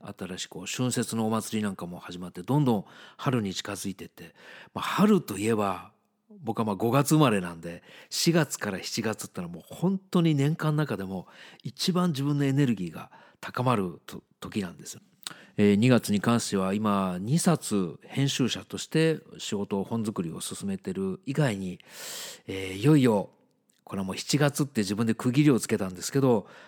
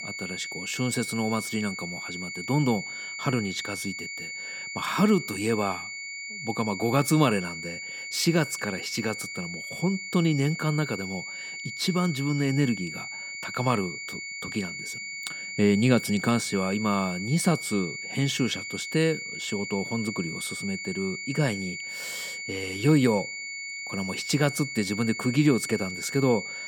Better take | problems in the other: first | high-pitched whine; loud; throughout; 2 kHz, 7 dB below the speech

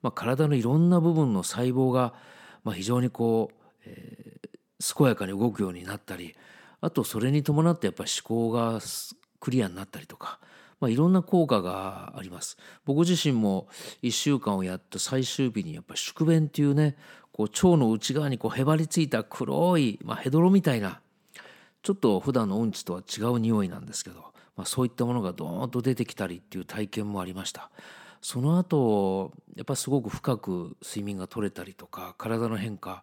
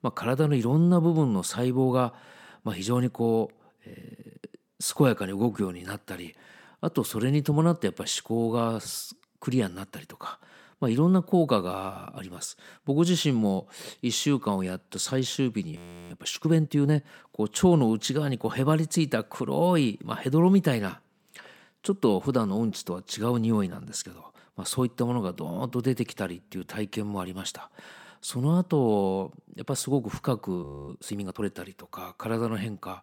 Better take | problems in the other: first | audio freezing; at 16 s and at 31 s

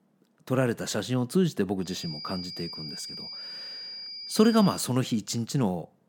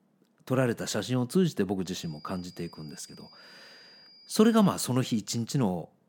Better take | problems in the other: second | high-pitched whine; loud; from 2 to 5 s; 5 kHz, 10 dB below the speech; faint in the second

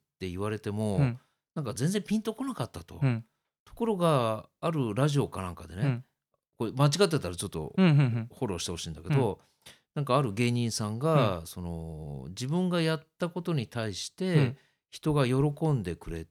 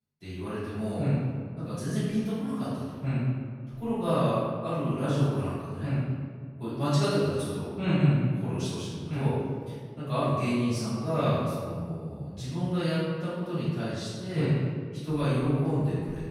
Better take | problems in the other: first | room echo; strong; dies away in 1.8 s // off-mic speech; far

